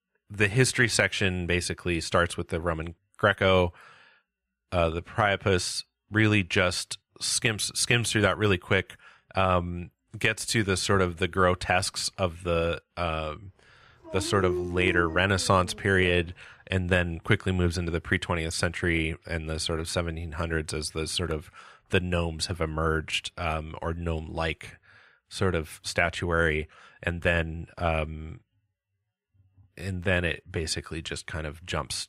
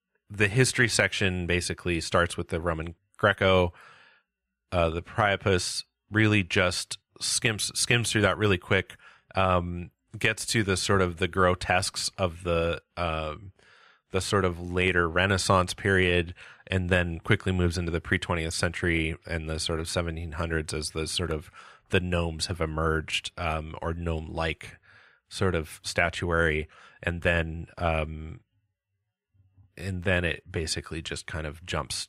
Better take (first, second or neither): second